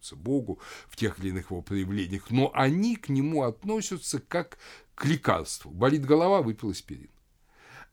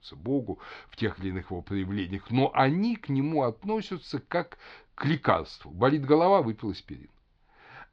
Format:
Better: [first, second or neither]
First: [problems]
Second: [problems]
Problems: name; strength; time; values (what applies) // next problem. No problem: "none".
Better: first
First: none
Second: muffled; slightly; fading above 4.5 kHz